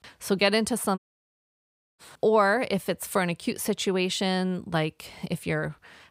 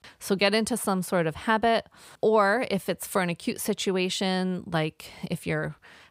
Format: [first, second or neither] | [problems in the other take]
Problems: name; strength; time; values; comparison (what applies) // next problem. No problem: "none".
second | audio cutting out; at 1 s for 1 s